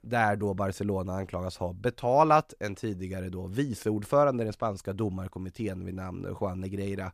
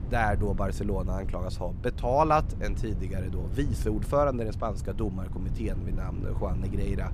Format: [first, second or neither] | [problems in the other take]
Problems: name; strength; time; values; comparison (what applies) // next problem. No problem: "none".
first | low rumble; noticeable; throughout; 20 dB below the speech